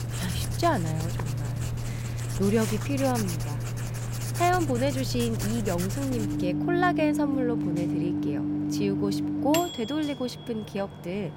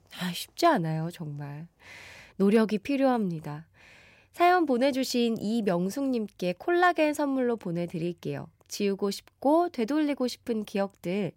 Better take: second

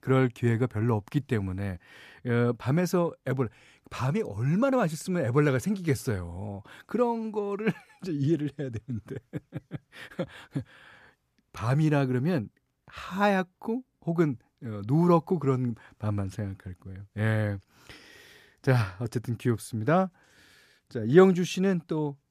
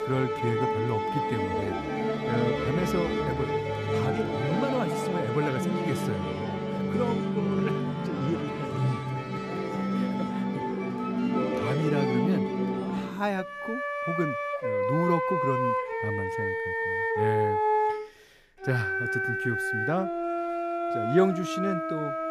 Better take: first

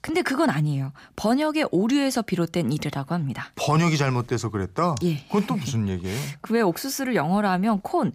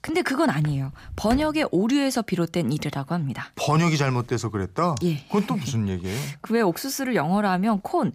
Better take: first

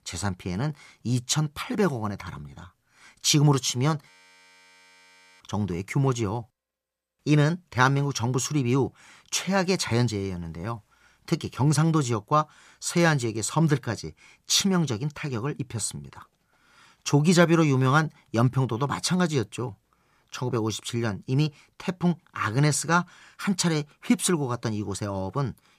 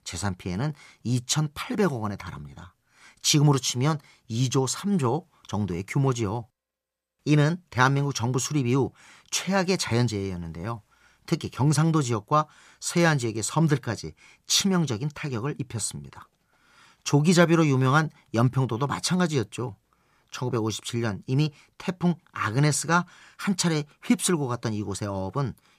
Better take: second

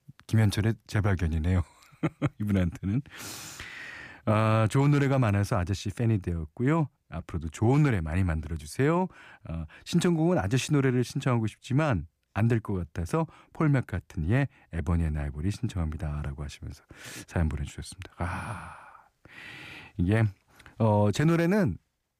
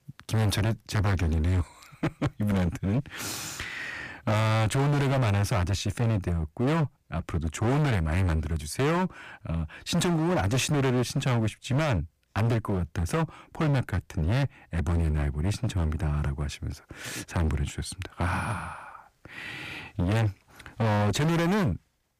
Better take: first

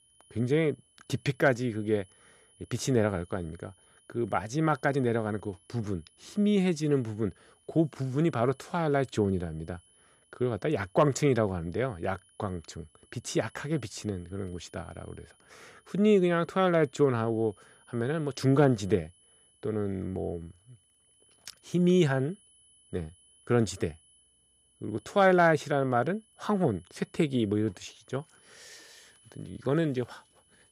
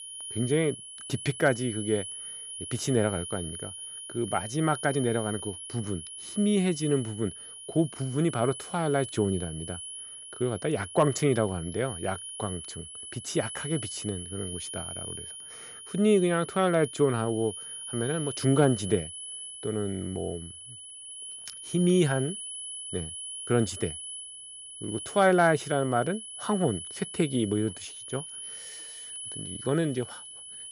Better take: first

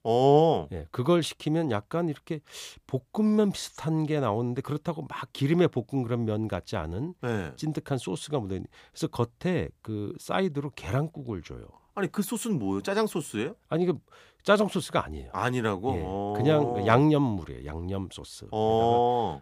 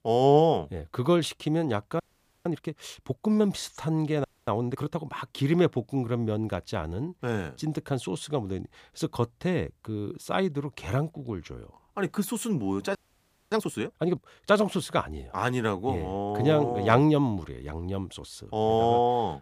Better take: first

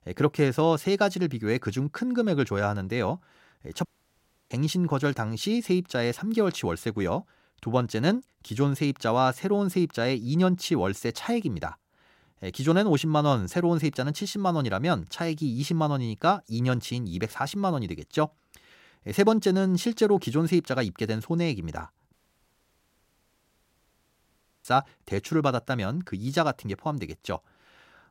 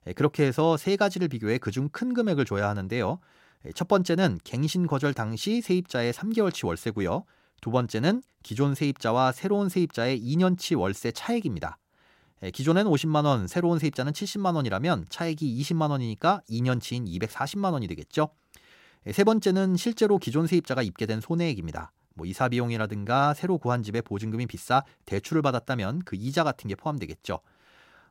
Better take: second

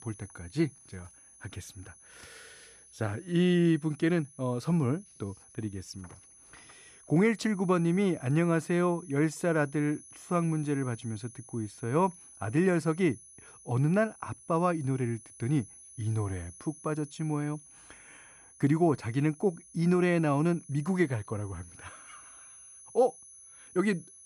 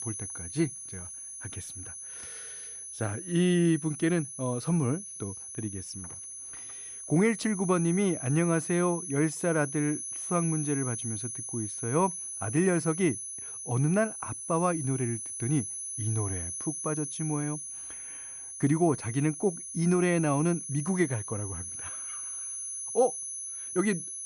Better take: first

